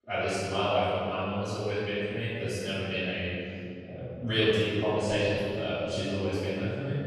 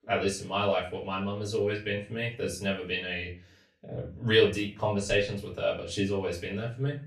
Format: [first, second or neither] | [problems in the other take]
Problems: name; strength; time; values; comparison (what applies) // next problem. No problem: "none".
second | room echo; strong; dies away in 3 s; slight in the second // off-mic speech; far; far in the second